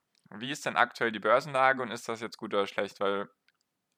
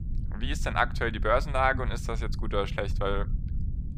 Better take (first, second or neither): first